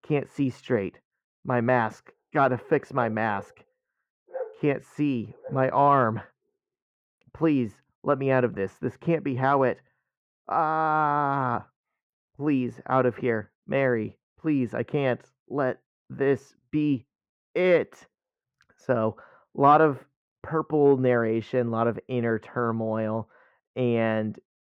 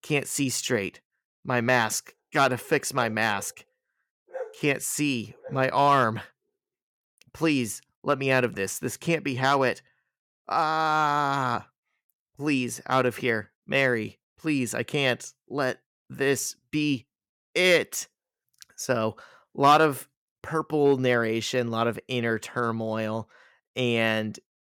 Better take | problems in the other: second | muffled; very; fading above 3.5 kHz

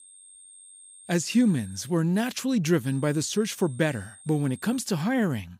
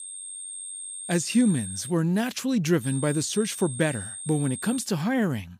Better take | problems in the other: first | high-pitched whine; loud; until 2 s and from 3 to 5 s; 8.5 kHz, 9 dB below the speech; faint in the first

